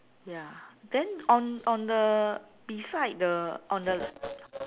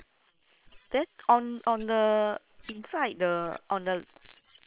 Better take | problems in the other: first | noise reduction (neural separator model SepFormer WHAM!)

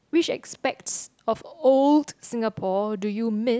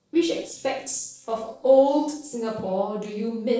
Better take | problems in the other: first | noise reduction (neural separator model SepFormer DNS4)

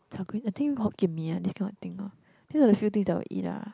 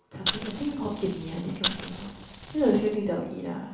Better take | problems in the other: first | background sound (Fire); 6 dB below the speech // room echo; dies away in 0.7 s

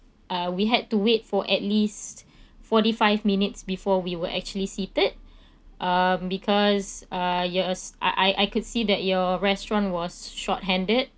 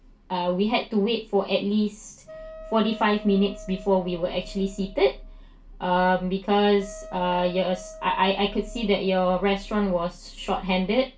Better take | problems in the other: first | background sound (Wind instrument, woodwind instrument); 19 dB below the speech // room echo; dies away in 0.2 s

